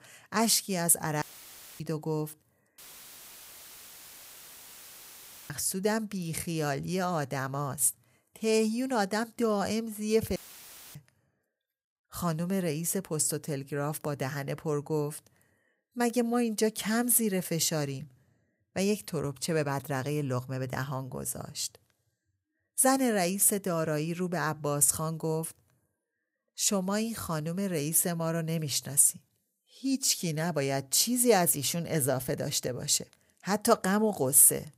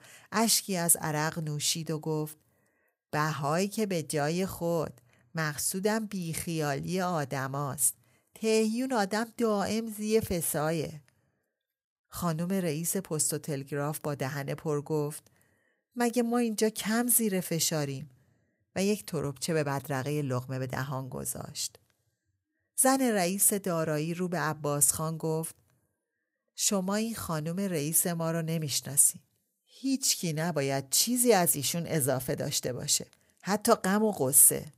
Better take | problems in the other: second | audio cutting out; filled with static; at 1 s for 0.5 s, at 3 s for 2.5 s and at 10 s for 0.5 s

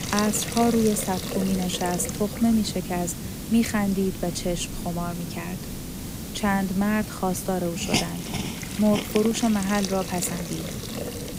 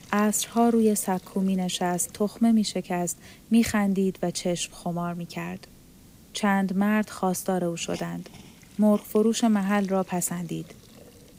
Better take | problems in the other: second | hiss; loud; throughout; 6 dB below the speech; faint in the second

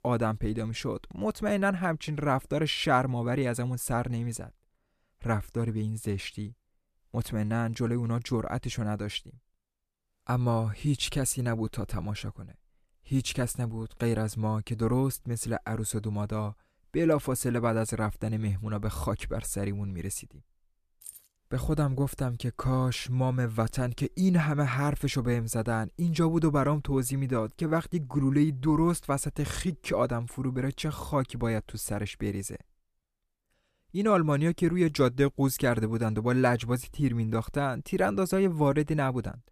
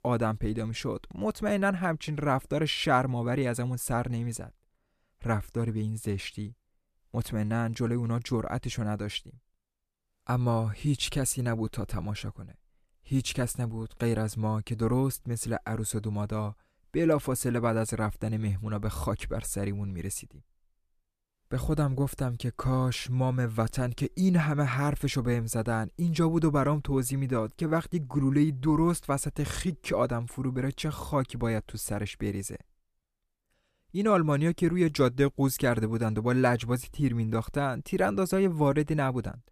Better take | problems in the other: second | jangling keys; faint; at 21 s; peak 15 dB below the speech

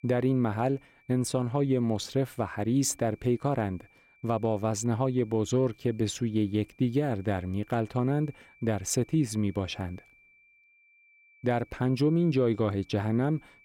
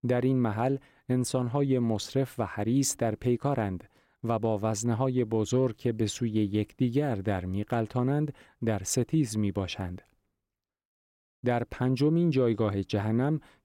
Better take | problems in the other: second | high-pitched whine; faint; throughout; 2.5 kHz, 30 dB below the speech

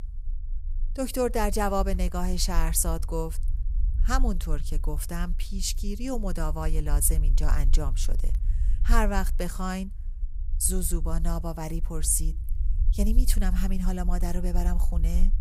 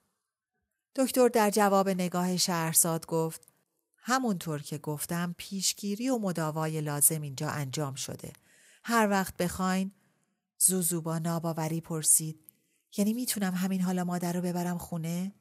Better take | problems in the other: second | low rumble; faint; throughout; 20 dB below the speech

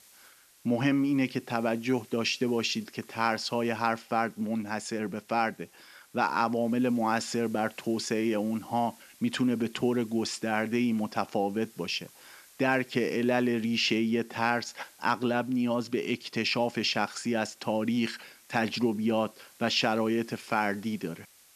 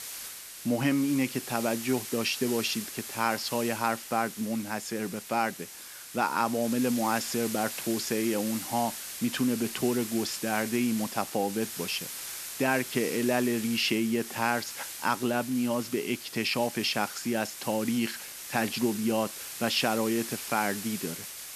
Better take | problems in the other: first | hiss; loud; throughout; 8 dB below the speech; faint in the first

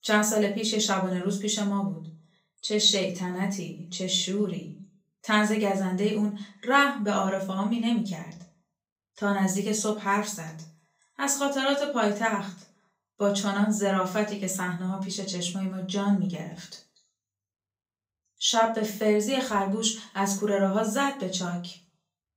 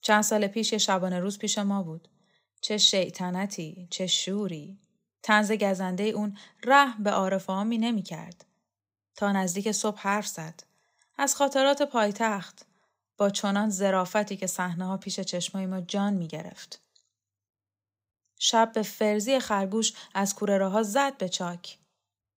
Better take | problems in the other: second | room echo; slight; dies away in 0.3 s // off-mic speech; far

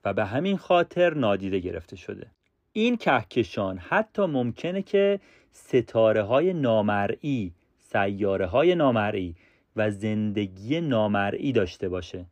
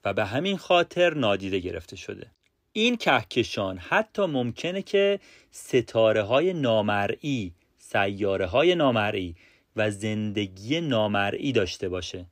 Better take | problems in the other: second | muffled; slightly; fading above 2.5 kHz

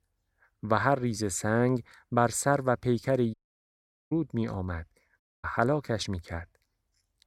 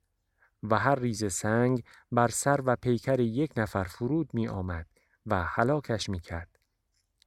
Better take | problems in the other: second | audio cutting out; at 3.5 s for 1 s and at 5 s

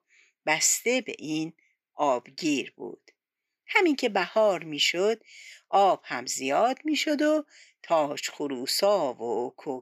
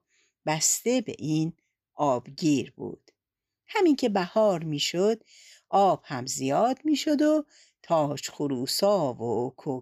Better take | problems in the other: second | thin; very slightly; fading below 300 Hz

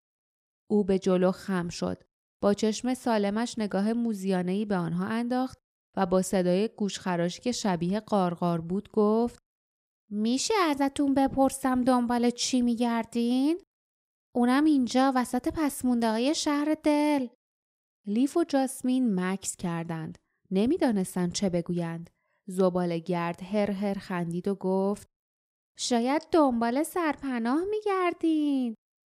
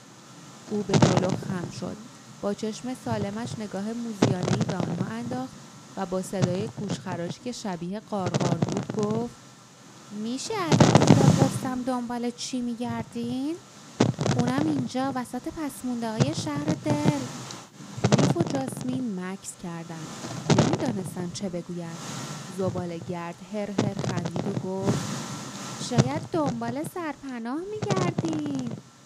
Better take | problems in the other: first | wind noise on the microphone; heavy; 3 dB above the speech

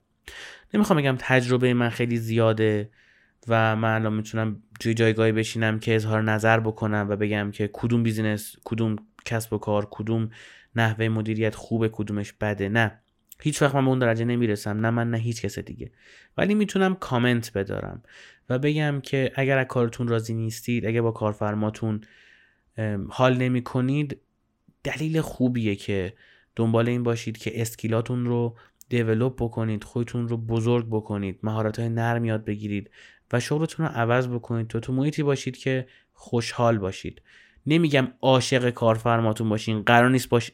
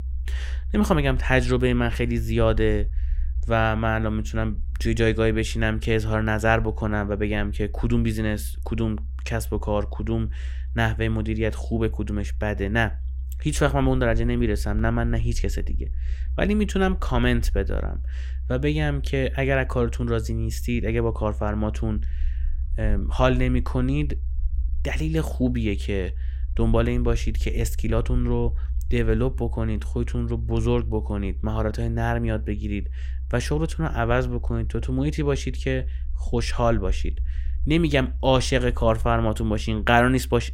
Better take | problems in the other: first | low rumble; faint; throughout; 25 dB below the speech

